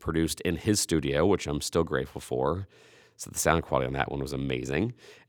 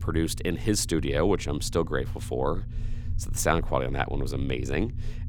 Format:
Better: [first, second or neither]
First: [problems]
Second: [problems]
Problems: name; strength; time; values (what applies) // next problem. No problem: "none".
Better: first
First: none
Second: low rumble; faint; throughout; 20 dB below the speech